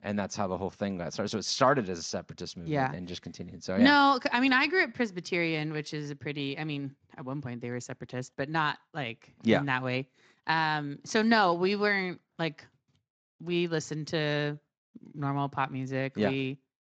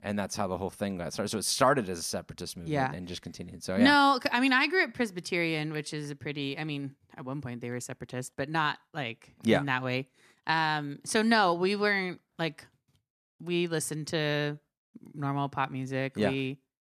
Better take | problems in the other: second | garbled, watery; slightly

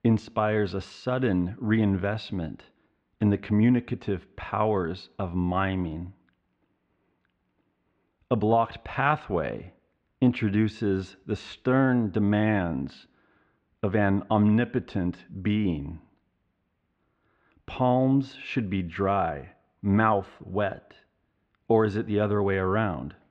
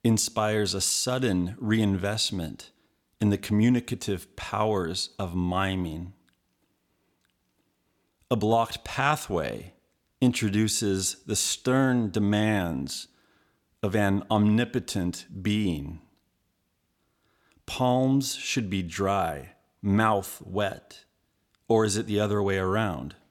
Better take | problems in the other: second | muffled; very; fading above 2.5 kHz

